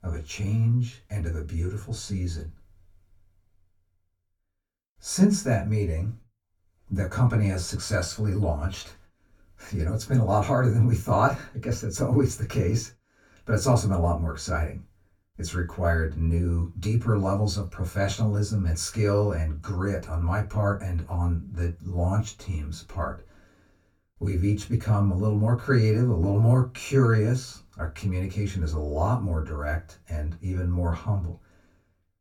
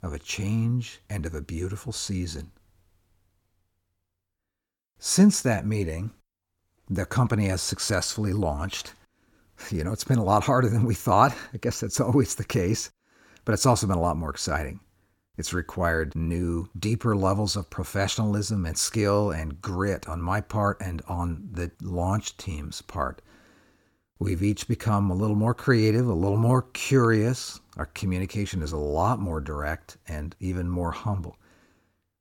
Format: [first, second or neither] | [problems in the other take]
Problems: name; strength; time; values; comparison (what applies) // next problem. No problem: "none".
second | off-mic speech; far // room echo; very slight; dies away in 0.2 s